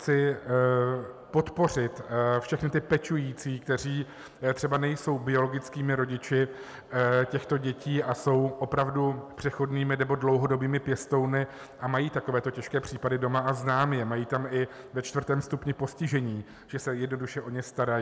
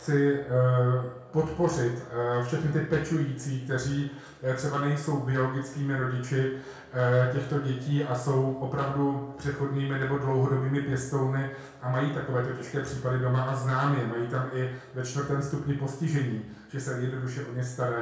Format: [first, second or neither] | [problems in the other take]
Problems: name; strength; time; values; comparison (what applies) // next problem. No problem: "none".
first | room echo; dies away in 0.5 s